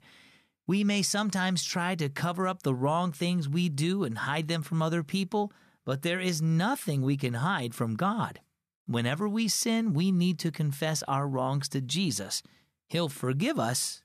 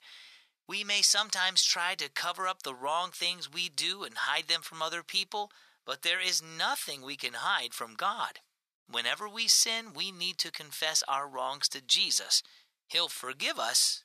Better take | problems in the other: first | thin; very; fading below 850 Hz

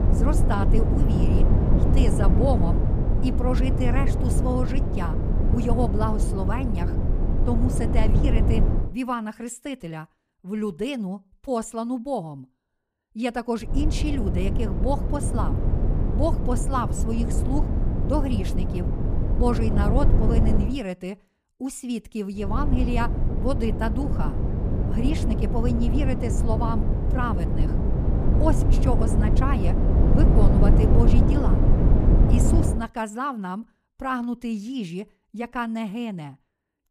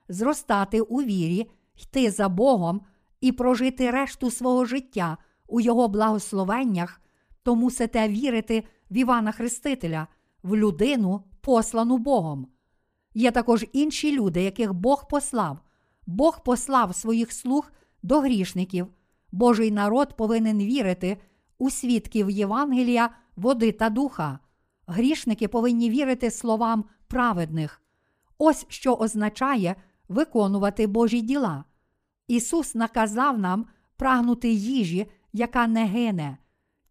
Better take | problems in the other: second | low rumble; loud; until 9 s, from 14 to 21 s and from 22 to 33 s; 2 dB below the speech

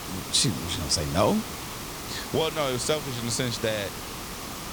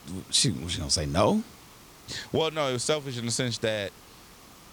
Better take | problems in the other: second | hiss; loud; throughout; 8 dB below the speech; faint in the second

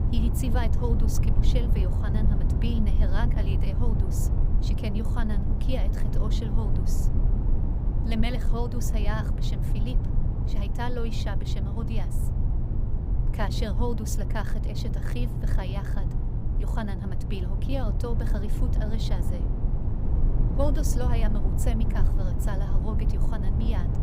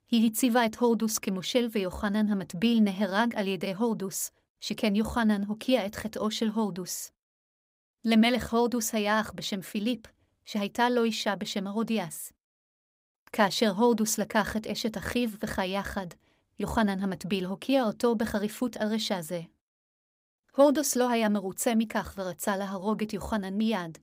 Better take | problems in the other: second | low rumble; loud; throughout; 4 dB below the speech

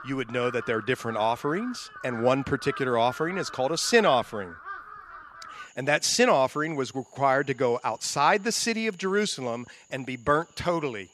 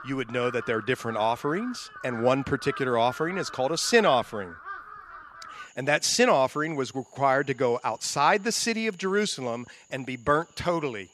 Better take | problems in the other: neither | animal sounds; noticeable; throughout; 15 dB below the speech; the same in both

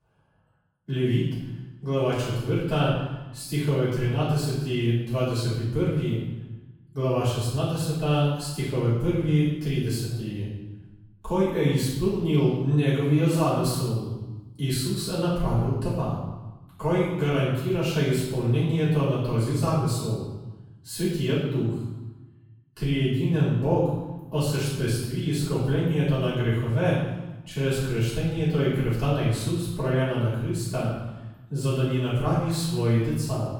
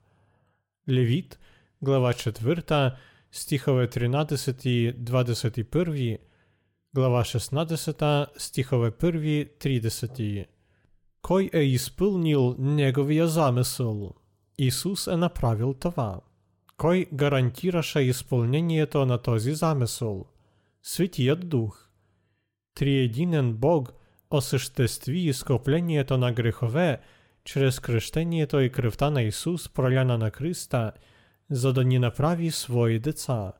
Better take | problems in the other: second | off-mic speech; far // room echo; strong; dies away in 1 s

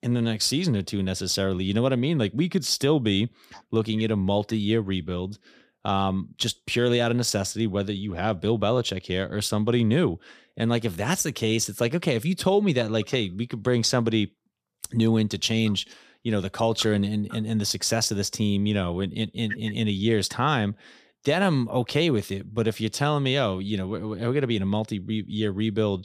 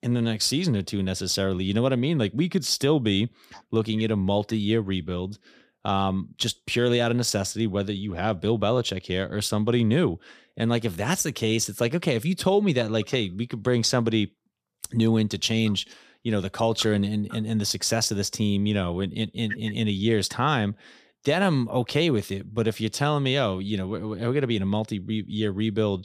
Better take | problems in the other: neither | none

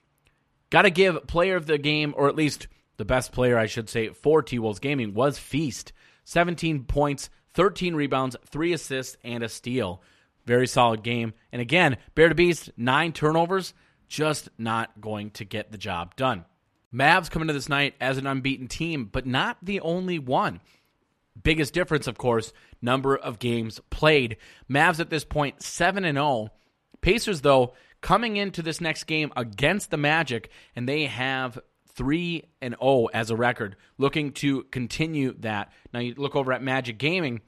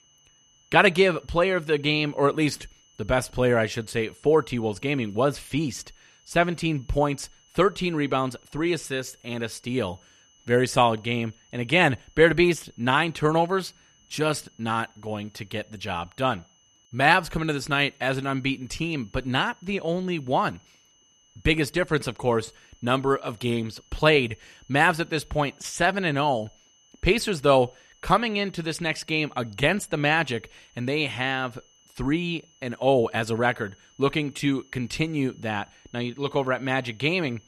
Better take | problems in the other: first | high-pitched whine; faint; throughout; 3 kHz, 30 dB below the speech

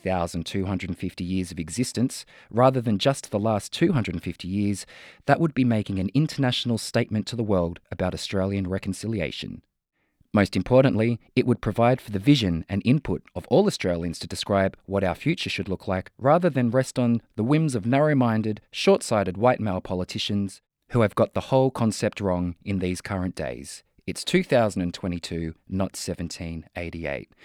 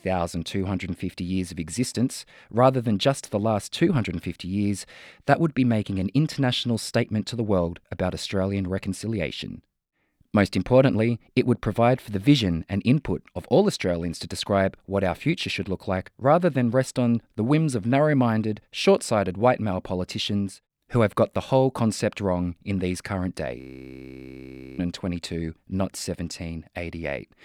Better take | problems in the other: first | audio freezing; at 24 s for 1 s

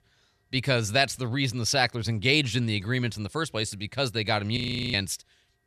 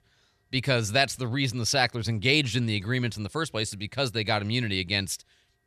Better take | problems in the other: second | audio freezing; at 4.5 s

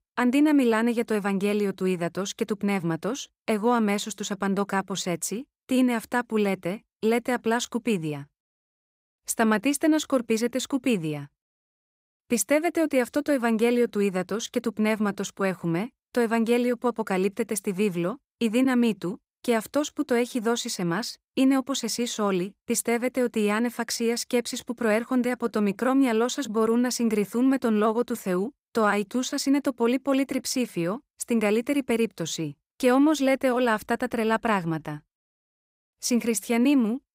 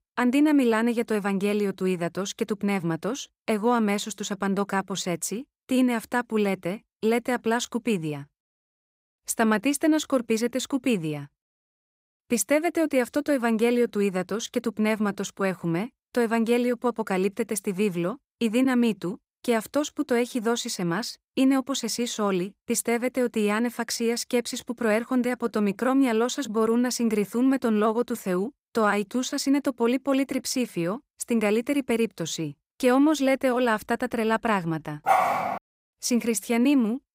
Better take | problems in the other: first | dog barking; loud; at 35 s; peak 3 dB above the speech

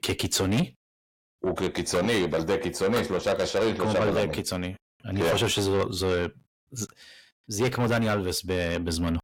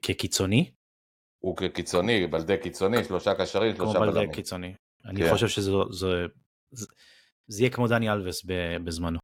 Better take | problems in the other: second | distortion; heavy; 7 dB below the speech

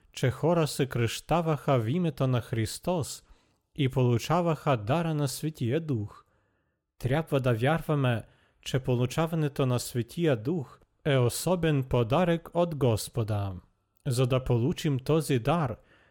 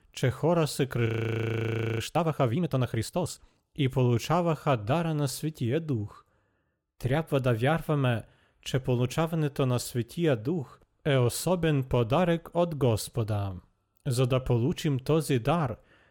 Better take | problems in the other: first | audio freezing; at 1 s for 1 s

